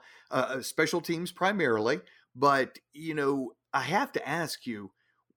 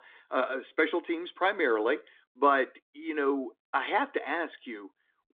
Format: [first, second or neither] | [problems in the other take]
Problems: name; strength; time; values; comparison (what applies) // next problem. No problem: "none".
first | phone-call audio